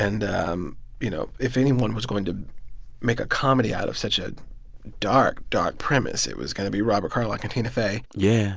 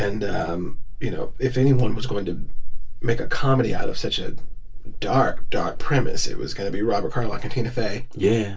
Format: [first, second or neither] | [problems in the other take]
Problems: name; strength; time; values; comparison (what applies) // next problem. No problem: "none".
first | room echo; dies away in 0.1 s